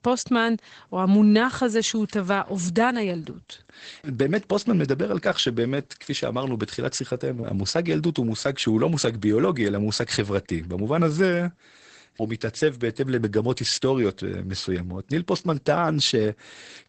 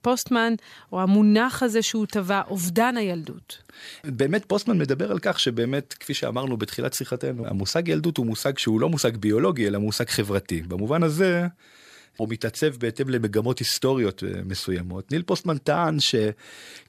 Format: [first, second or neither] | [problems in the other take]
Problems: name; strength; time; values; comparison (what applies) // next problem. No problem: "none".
second | garbled, watery; badly; nothing above 8 kHz